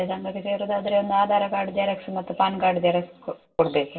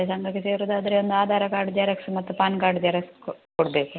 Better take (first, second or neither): second